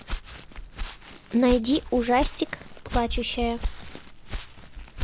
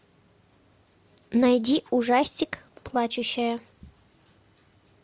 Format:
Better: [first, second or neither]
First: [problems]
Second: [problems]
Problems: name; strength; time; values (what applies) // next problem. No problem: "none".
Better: second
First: background sound (Walk, footsteps); 5 dB below the speech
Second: none